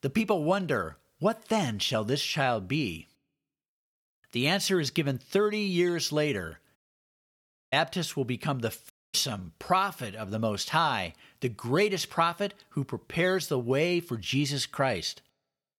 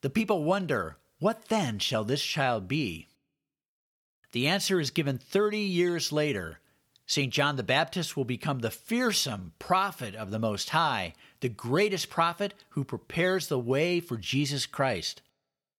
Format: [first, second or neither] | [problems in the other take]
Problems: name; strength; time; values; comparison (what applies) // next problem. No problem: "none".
second | audio cutting out; at 7 s for 1 s and at 9 s